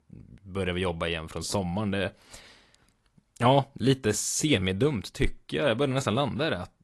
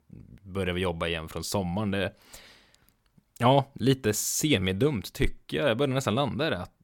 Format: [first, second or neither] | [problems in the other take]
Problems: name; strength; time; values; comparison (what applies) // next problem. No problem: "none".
second | garbled, watery; slightly; nothing above 12 kHz